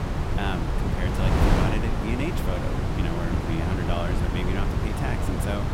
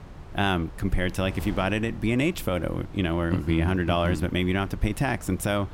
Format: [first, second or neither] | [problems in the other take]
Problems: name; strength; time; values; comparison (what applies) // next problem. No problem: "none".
second | wind noise on the microphone; heavy; 2 dB above the speech; occasional gusts in the second